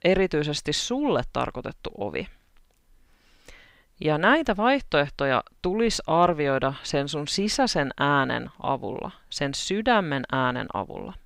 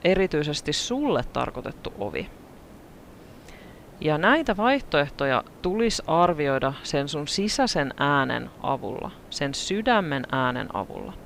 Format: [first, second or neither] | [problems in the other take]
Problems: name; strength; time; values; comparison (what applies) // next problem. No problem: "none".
first | hiss; faint; throughout; 20 dB below the speech